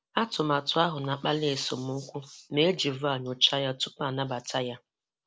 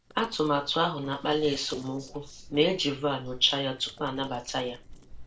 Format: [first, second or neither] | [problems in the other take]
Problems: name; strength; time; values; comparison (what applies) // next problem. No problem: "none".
first | noise reduction (neural separator model SepFormer DNS4)